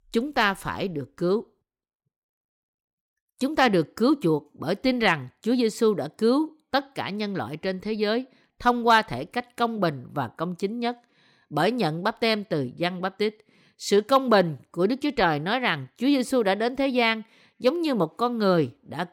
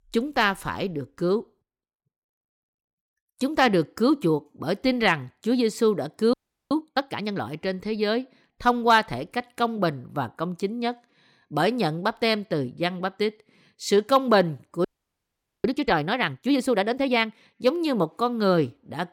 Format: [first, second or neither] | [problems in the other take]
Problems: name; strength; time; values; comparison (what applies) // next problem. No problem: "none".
first | audio freezing; at 6.5 s and at 15 s for 1 s